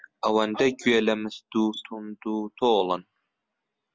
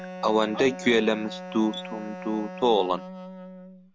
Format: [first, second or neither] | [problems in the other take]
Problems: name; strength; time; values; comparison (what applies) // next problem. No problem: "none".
first | background sound (Wind instrument, woodwind instrument); 12 dB below the speech